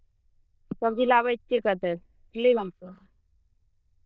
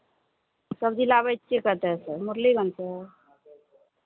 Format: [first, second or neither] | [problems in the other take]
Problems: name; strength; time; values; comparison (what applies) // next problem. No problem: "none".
second | noise reduction (neural diffusion model UNIVERSE++)